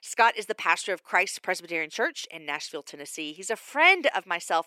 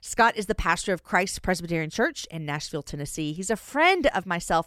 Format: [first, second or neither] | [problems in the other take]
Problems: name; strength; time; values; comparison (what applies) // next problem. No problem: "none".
second | thin; somewhat; fading below 350 Hz